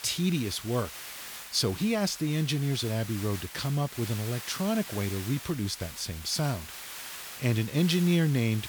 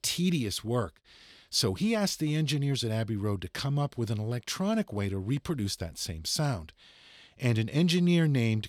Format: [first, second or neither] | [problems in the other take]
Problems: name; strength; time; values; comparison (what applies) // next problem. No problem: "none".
second | hiss; noticeable; throughout; 10 dB below the speech